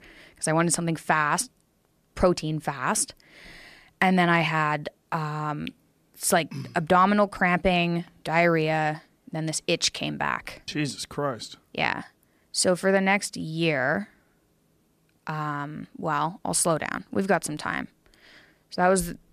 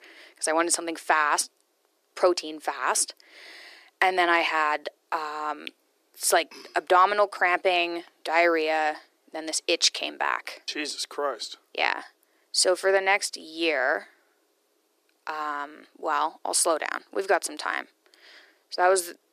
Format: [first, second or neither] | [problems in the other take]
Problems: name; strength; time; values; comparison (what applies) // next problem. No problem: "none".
first | thin; very; fading below 350 Hz